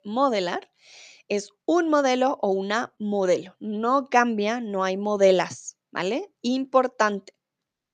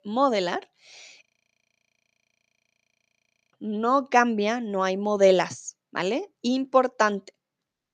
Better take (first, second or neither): first